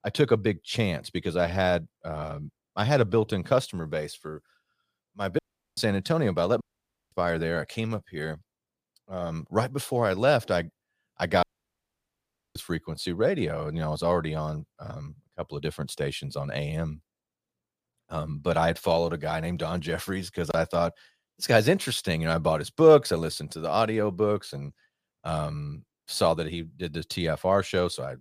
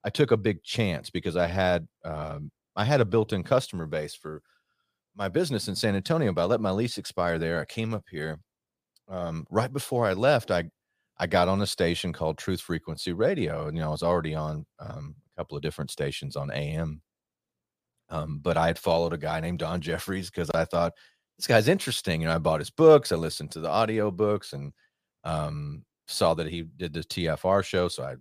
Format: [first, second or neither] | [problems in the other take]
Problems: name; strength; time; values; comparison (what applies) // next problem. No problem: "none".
second | audio cutting out; at 5.5 s, at 6.5 s for 0.5 s and at 11 s for 1 s